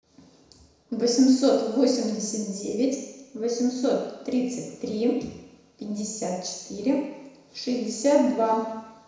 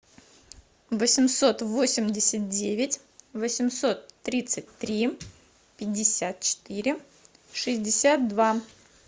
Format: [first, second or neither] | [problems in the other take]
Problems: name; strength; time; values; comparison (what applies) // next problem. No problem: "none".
second | room echo; dies away in 1 s